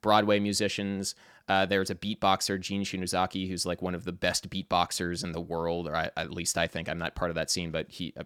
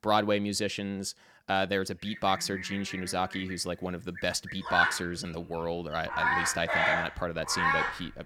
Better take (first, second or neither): first